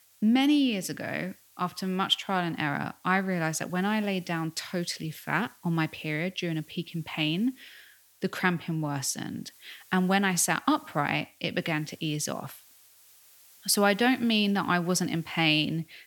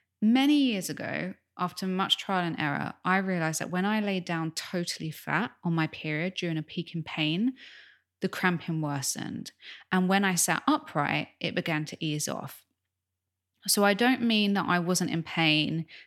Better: second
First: hiss; faint; throughout; 25 dB below the speech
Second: none

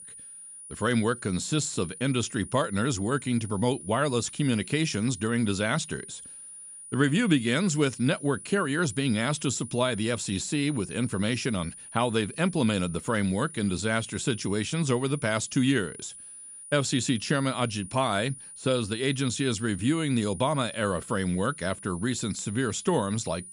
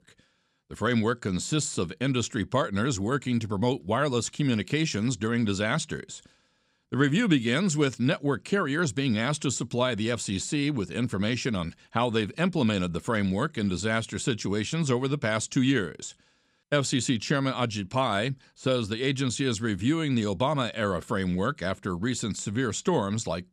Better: second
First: high-pitched whine; noticeable; throughout; 9.5 kHz, 15 dB below the speech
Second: none

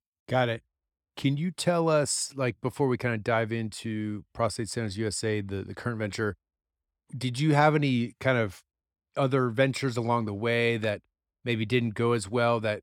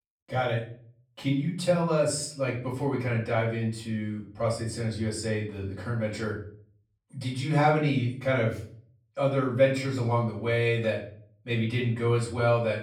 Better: first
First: none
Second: room echo; slight; dies away in 0.4 s // off-mic speech; far

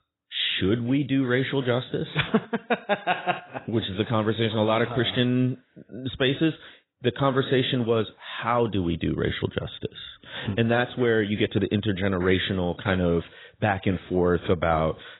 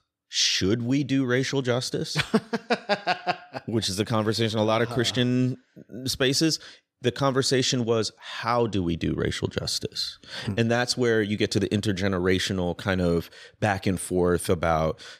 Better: second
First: garbled, watery; badly; nothing above 4 kHz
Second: none

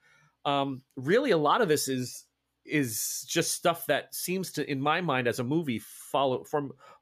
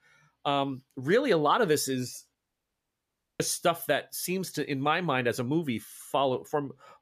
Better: first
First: none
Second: audio cutting out; at 2.5 s for 1 s

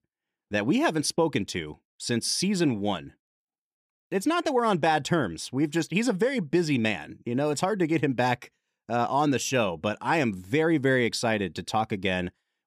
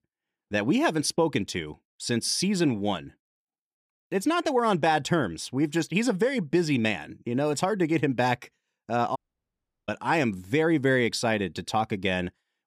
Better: first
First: none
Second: audio cutting out; at 9 s for 0.5 s

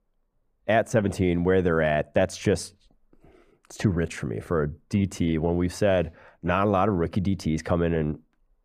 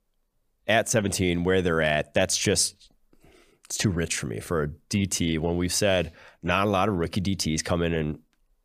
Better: second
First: muffled; slightly; fading above 2.5 kHz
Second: none

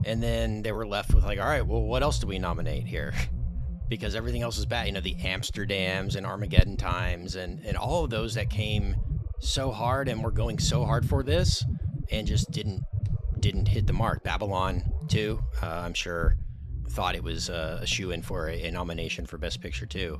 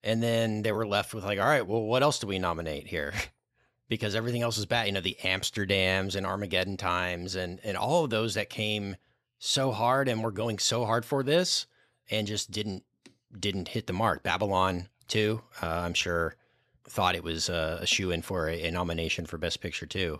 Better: second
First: low rumble; noticeable; throughout; 15 dB below the speech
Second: none

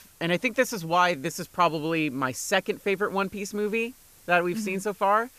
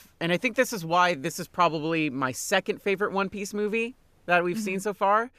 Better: second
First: hiss; faint; throughout; 25 dB below the speech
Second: none

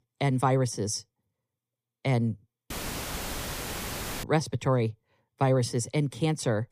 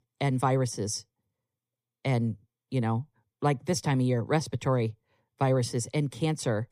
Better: second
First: audio cutting out; filled with static; at 2.5 s for 1.5 s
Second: none

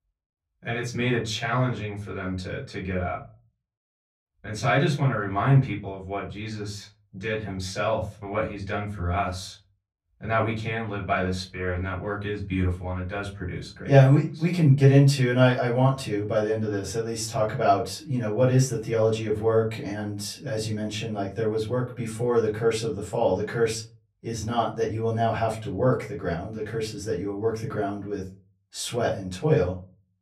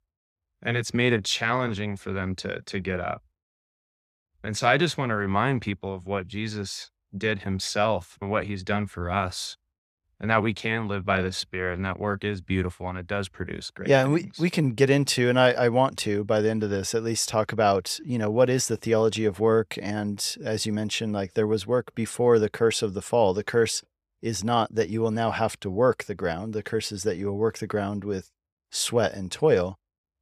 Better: second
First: off-mic speech; far // room echo; slight; dies away in 0.3 s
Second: none

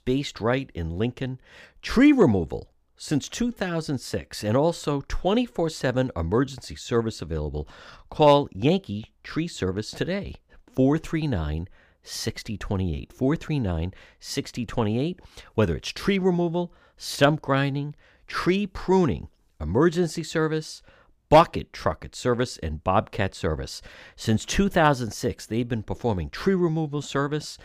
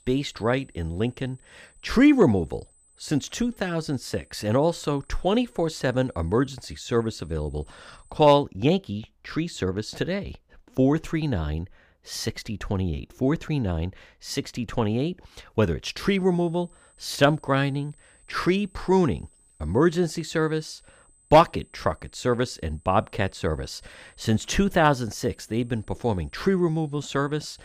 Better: first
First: none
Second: high-pitched whine; faint; until 8.5 s and from 16 s on; 8 kHz, 30 dB below the speech

